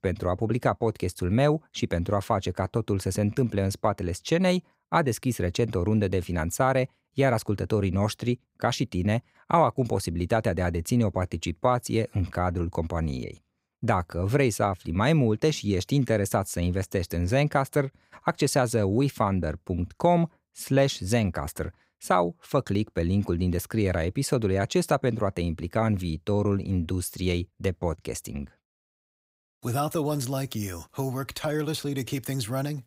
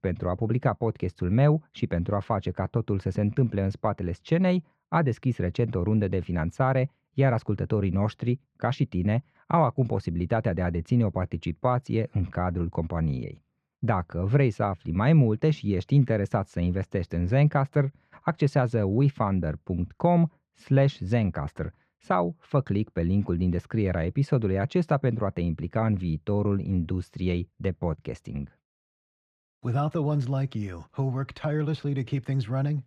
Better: first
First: none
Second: muffled; slightly; fading above 2.5 kHz

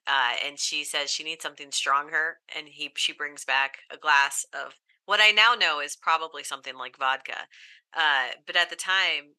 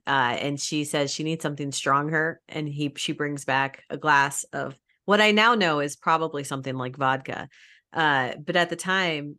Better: second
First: thin; very; fading below 900 Hz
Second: none

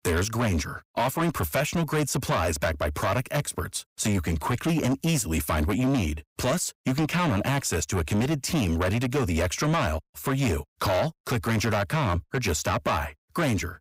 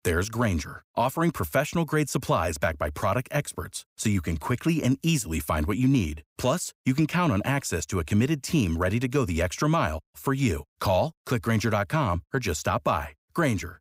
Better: second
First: distortion; heavy; 8 dB below the speech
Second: none

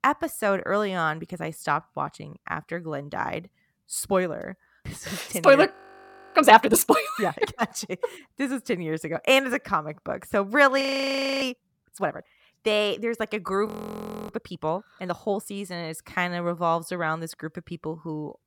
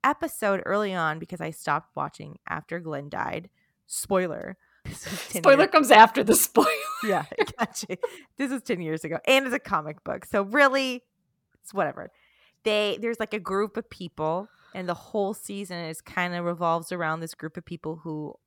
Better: second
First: audio freezing; at 5.5 s for 0.5 s, at 11 s for 0.5 s and at 14 s for 0.5 s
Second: none

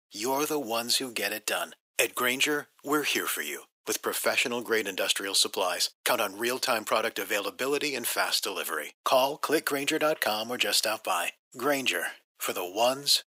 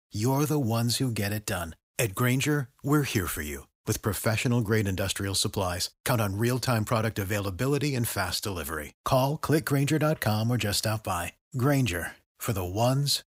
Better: second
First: thin; somewhat; fading below 350 Hz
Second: none

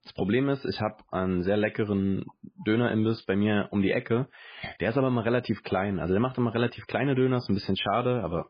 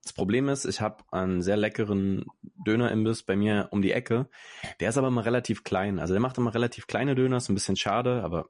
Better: second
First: garbled, watery; badly; nothing above 5 kHz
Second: garbled, watery; slightly; nothing above 10.5 kHz

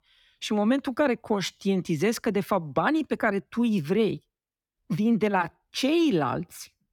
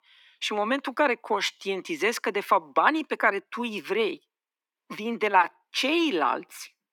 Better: first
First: none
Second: thin; somewhat; fading below 300 Hz

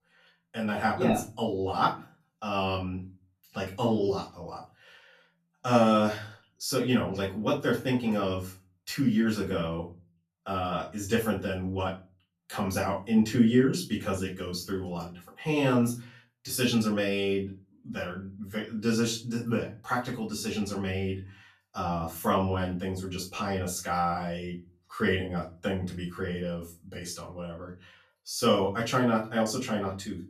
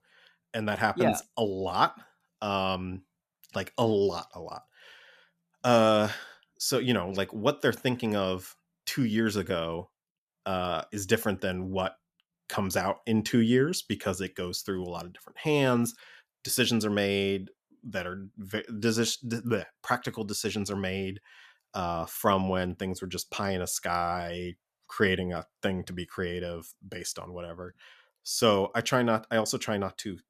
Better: second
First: off-mic speech; far // room echo; slight; dies away in 0.3 s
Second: none

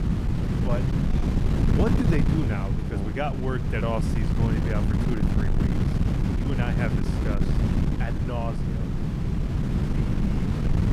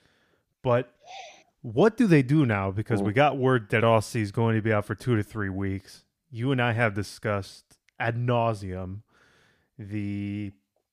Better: second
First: wind noise on the microphone; heavy; as loud as the speech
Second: none

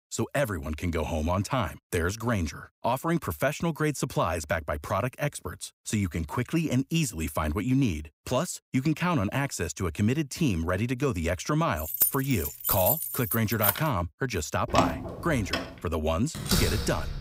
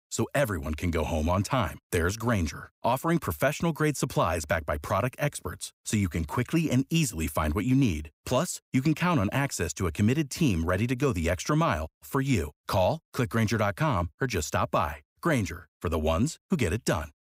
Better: second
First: jangling keys; loud; from 12 to 14 s; peak 5 dB above the speech // door banging; loud; at 15 s and at 16 s; peak 2 dB above the speech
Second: none

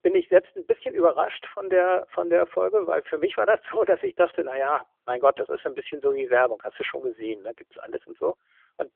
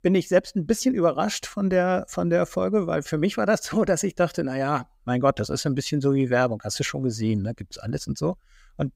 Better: second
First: phone-call audio; nothing above 3.5 kHz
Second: none

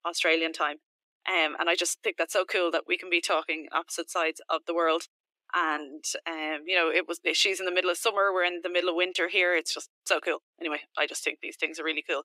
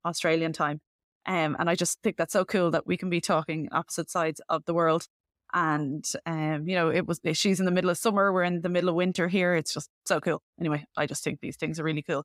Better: second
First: thin; very; fading below 350 Hz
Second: none

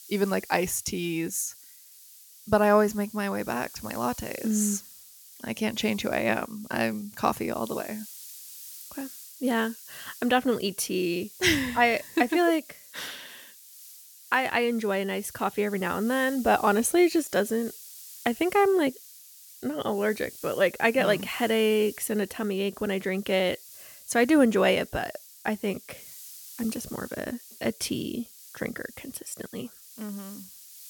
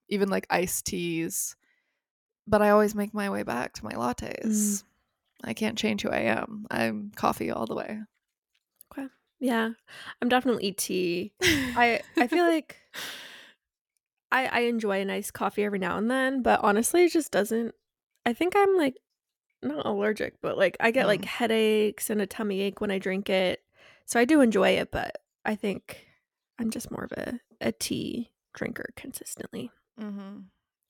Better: second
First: hiss; noticeable; throughout; 20 dB below the speech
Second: none

